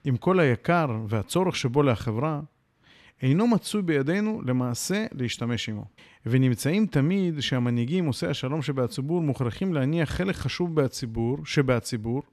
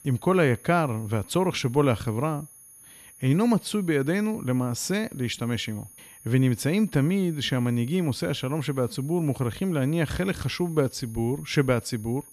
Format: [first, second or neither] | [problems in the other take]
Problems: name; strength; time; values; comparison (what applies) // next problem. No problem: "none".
first | high-pitched whine; faint; throughout; 10.5 kHz, 20 dB below the speech